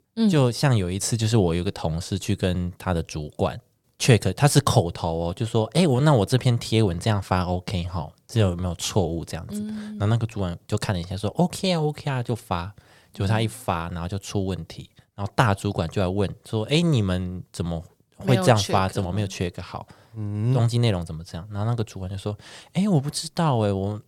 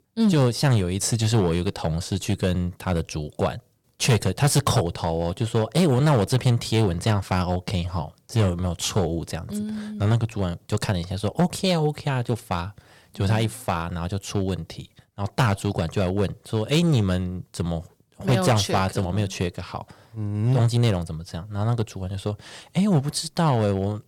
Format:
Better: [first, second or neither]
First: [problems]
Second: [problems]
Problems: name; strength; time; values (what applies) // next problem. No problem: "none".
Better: first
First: none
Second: distortion; slight; 4% of the sound clipped